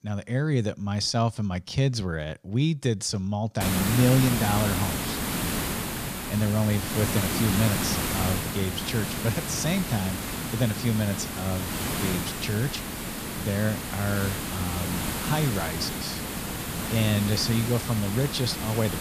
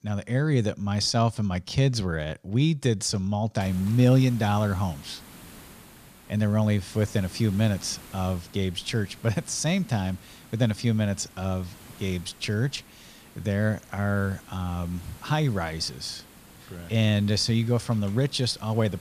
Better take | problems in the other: second | hiss; loud; from 3.5 s on; 2 dB below the speech; faint in the second

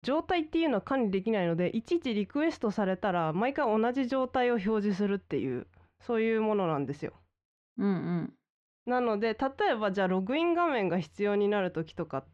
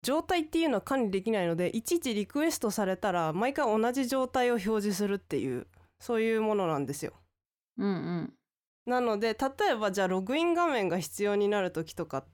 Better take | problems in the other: second | muffled; slightly; fading above 3.5 kHz

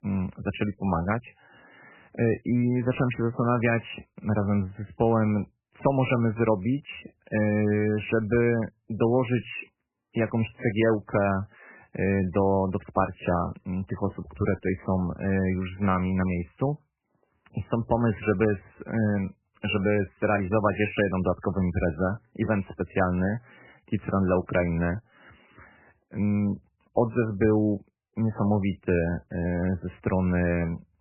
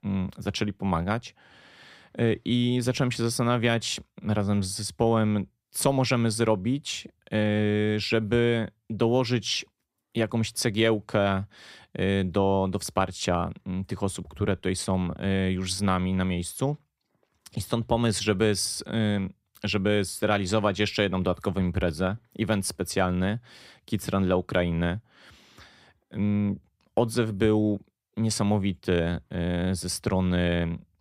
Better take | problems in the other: second | garbled, watery; badly; nothing above 3 kHz

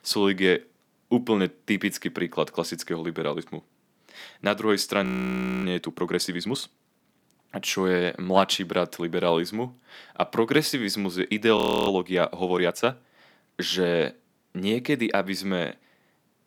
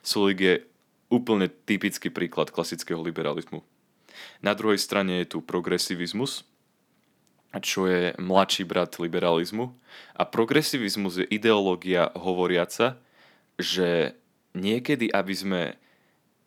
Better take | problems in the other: second | audio freezing; at 5 s for 0.5 s and at 12 s

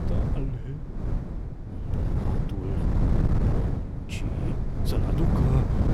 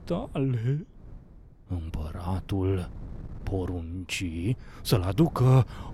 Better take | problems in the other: second | wind noise on the microphone; heavy; 4 dB above the speech; occasional gusts in the second

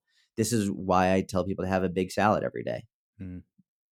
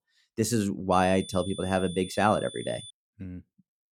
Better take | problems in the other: first | high-pitched whine; noticeable; from 1 to 3 s; 3.5 kHz, 15 dB below the speech

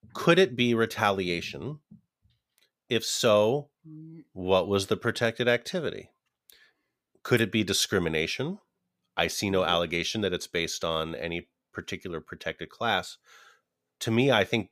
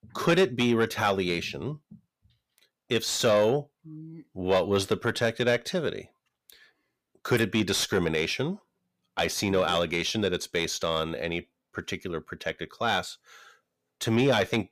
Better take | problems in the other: first | distortion; slight; 10 dB below the speech

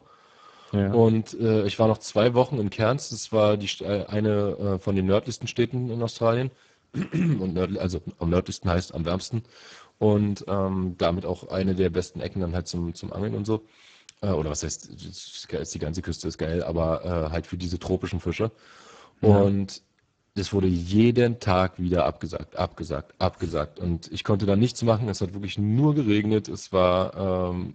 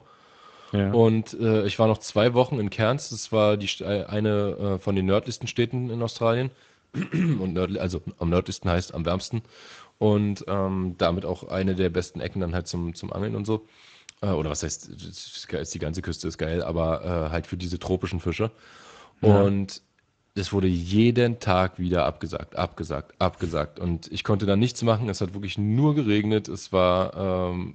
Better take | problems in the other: second | garbled, watery; badly; nothing above 7.5 kHz; slightly in the second

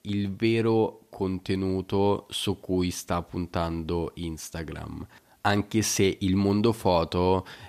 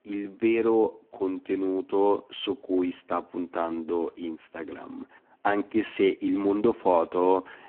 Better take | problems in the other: first | phone-call audio; poor line

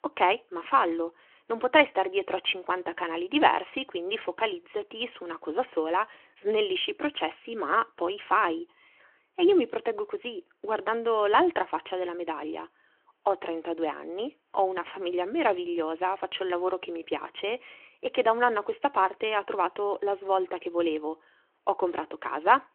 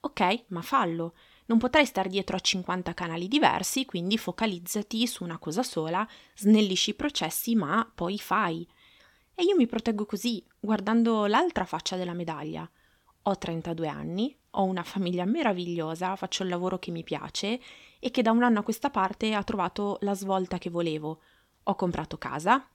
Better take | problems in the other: second | phone-call audio; nothing above 3 kHz

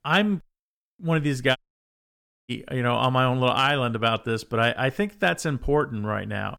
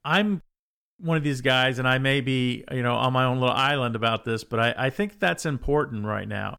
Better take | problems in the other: second | audio cutting out; at 1.5 s for 1 s

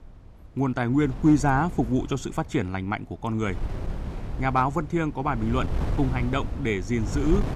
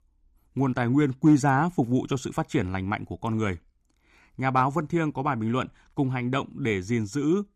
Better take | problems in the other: second | wind noise on the microphone; occasional gusts; 15 dB below the speech

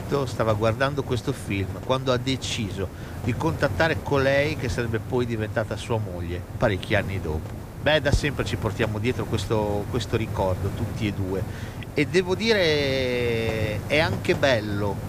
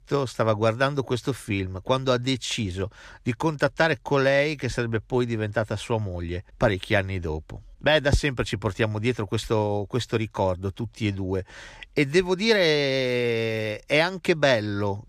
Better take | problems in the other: second | hiss; loud; throughout; 8 dB below the speech

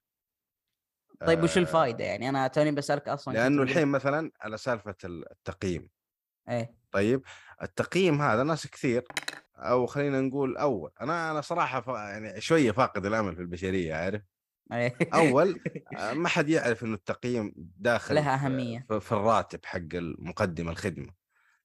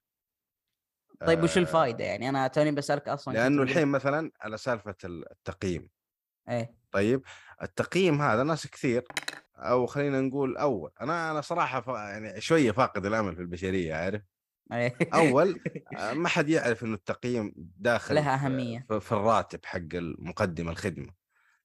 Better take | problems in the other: neither | clattering dishes; noticeable; at 9 s; peak 7 dB below the speech; the same in both

